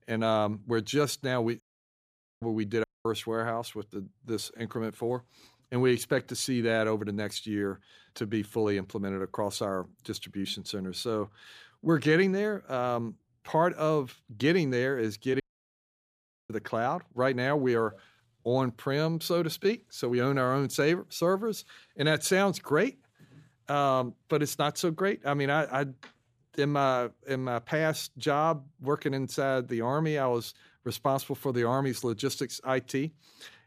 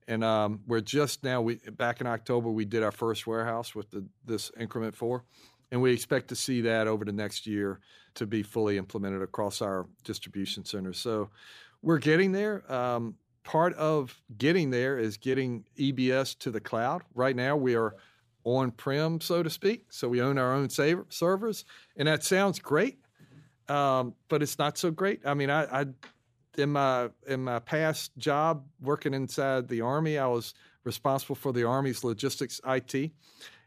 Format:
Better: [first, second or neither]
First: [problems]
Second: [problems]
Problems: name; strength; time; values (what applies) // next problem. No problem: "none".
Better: second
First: audio cutting out; at 1.5 s for 1 s, at 3 s and at 15 s for 1 s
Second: none